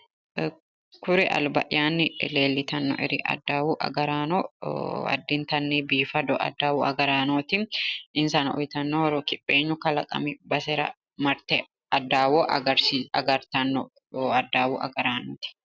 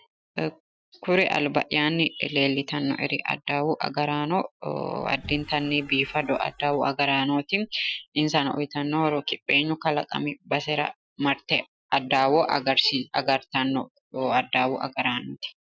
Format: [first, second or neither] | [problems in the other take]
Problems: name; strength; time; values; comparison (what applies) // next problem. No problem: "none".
first | noise reduction (classical method Wiener filter)